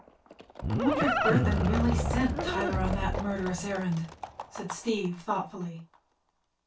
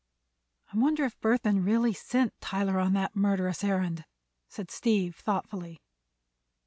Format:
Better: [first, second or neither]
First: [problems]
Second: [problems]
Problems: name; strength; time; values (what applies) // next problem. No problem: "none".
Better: second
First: background sound (Livestock, farm animals, working animals); as loud as the speech // room echo; dies away in 0.1 s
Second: none